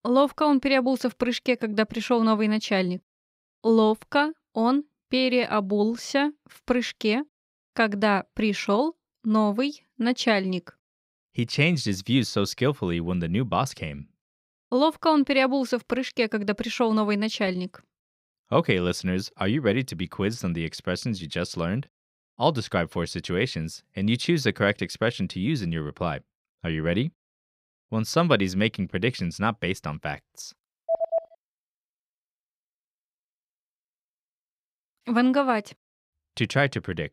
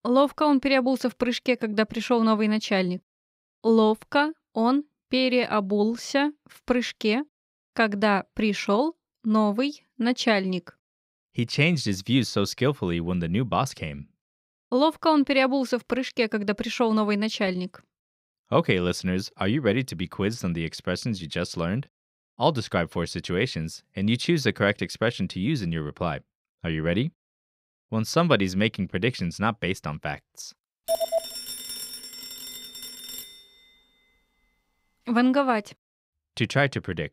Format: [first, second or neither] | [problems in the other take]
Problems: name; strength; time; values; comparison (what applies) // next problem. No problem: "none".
first | phone ringing; noticeable; from 31 to 33 s; peak 7 dB below the speech